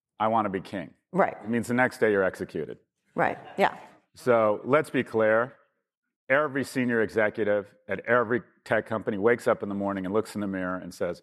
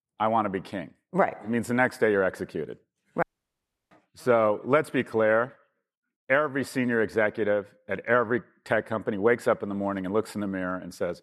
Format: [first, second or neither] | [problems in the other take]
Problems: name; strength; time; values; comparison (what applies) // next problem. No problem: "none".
first | audio cutting out; at 3 s for 0.5 s